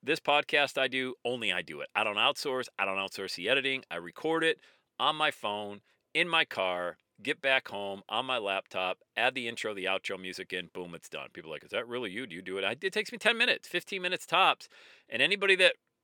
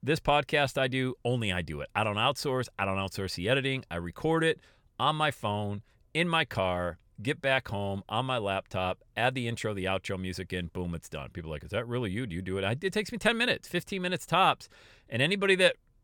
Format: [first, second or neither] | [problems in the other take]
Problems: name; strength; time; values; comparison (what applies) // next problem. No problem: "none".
second | thin; somewhat; fading below 350 Hz